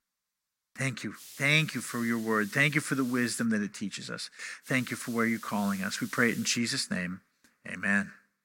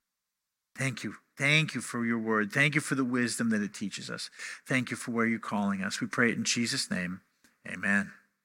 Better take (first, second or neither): second